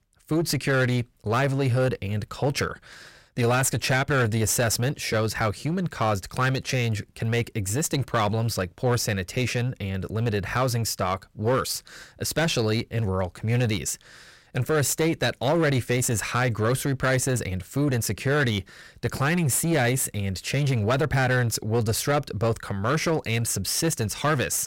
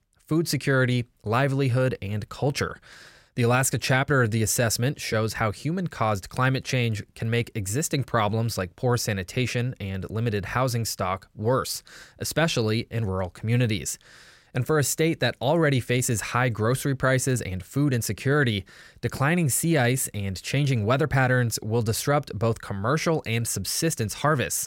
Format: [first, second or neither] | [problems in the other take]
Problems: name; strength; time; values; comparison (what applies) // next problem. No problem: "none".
second | distortion; slight; 10% of the sound clipped